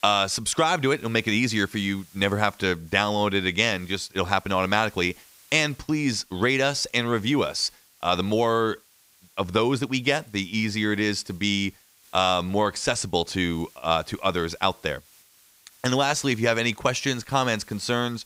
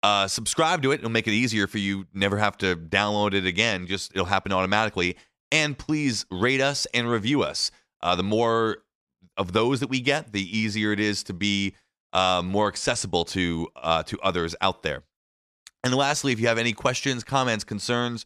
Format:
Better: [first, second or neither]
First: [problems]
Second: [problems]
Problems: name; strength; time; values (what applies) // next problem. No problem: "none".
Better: second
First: hiss; faint; throughout; 30 dB below the speech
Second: none